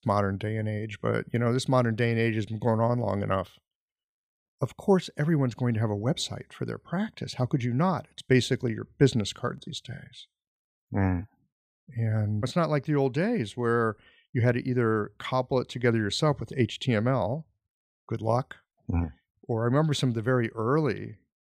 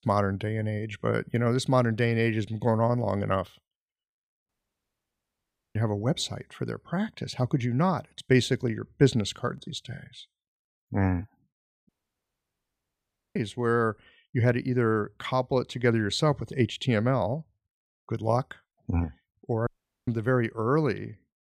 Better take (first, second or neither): first